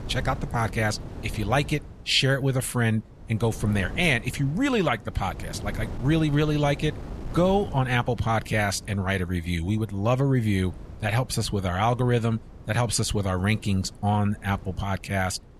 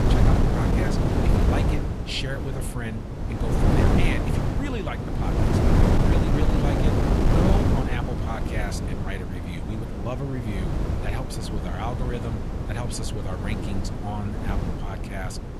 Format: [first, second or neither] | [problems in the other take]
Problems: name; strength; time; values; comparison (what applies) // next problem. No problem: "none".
first | wind noise on the microphone; heavy; 3 dB above the speech; occasional gusts in the first